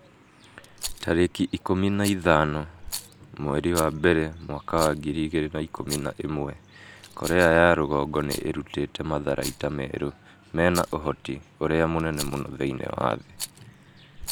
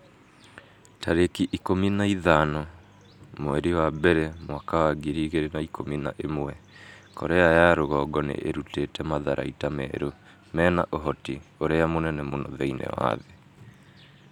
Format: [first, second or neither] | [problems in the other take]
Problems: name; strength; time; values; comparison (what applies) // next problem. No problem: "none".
second | background sound (Rattle); 15 dB below the speech